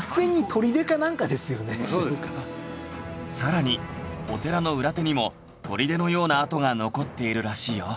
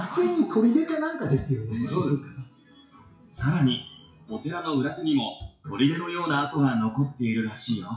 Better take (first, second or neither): first